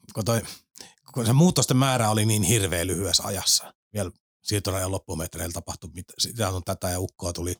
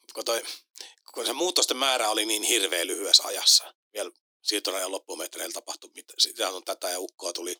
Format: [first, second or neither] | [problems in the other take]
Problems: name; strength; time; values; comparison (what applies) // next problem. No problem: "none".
first | thin; very; fading below 300 Hz